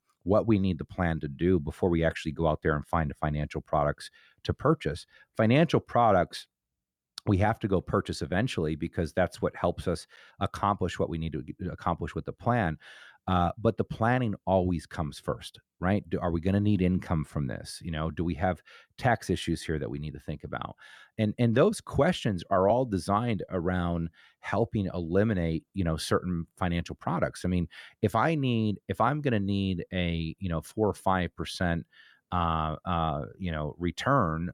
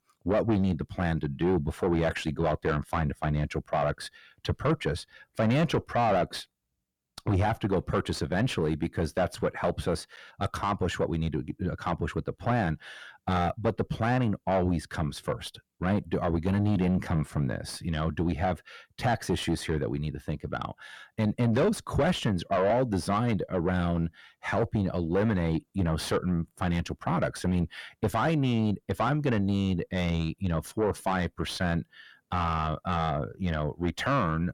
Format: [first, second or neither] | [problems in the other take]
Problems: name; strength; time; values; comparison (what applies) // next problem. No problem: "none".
first | distortion; heavy; 8 dB below the speech